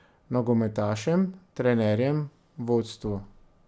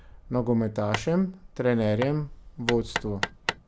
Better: first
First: none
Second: background sound (Hammer); 9 dB below the speech

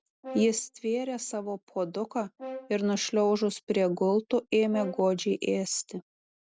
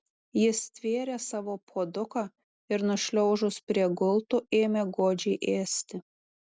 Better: second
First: background sound (Brass instrument); 17 dB below the speech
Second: none

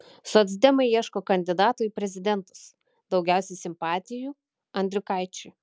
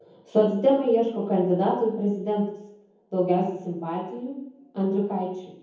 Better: first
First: none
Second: room echo; dies away in 0.9 s

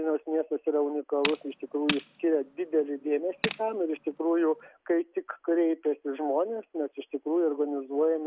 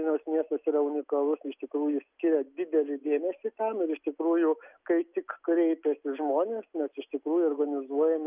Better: second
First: background sound (Tools); 10 dB below the speech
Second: none

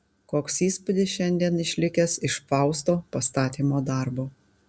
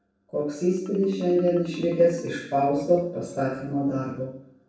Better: first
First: none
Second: noise reduction (neural separator model SepFormer DNS4)

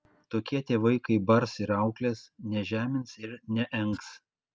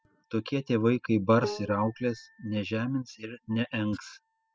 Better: first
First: none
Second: noise reduction (classical method spectral subtraction)

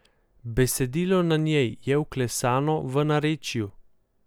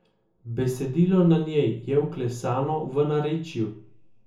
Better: first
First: none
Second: room echo; dies away in 0.6 s

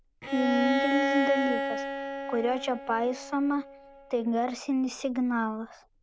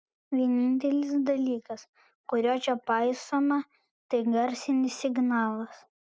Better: second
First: background sound (Bowed string instrument); 4 dB below the speech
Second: none

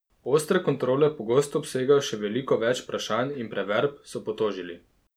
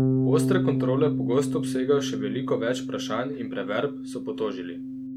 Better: first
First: none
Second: background sound (Bass guitar); 1 dB above the speech

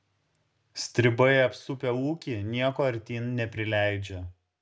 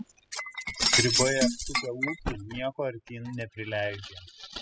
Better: first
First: none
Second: noise reduction (classical method spectral subtraction)

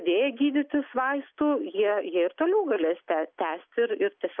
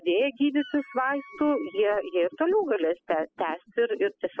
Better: first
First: none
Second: noise reduction (classical method spectral subtraction)

